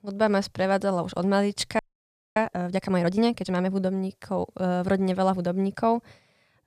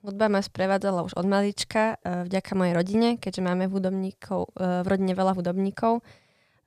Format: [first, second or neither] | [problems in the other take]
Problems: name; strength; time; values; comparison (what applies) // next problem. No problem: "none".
second | audio freezing; at 2 s for 0.5 s